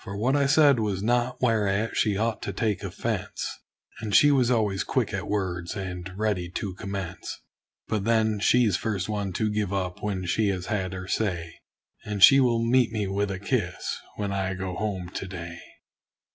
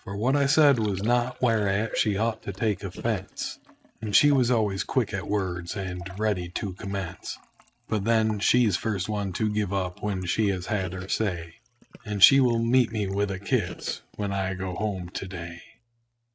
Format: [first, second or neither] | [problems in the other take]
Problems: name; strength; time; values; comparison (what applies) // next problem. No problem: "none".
first | noise reduction (neural mask model RNNoise)